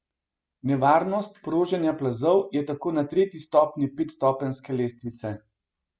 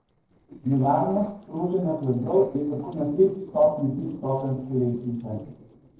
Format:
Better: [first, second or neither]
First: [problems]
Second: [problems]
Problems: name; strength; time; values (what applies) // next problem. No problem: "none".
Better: first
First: none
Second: noise reduction (neural separator model SepFormer DNS4)